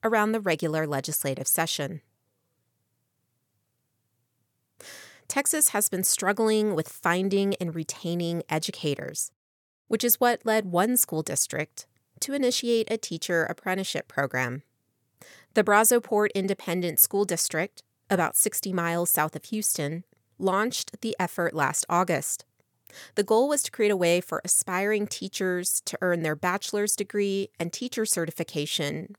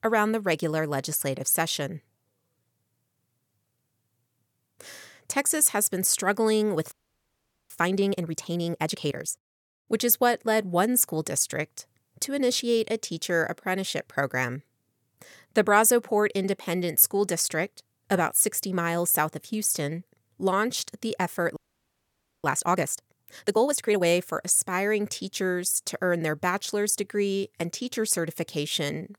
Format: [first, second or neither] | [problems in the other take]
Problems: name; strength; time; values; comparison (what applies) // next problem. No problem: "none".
first | audio freezing; at 7 s for 1 s and at 22 s for 1 s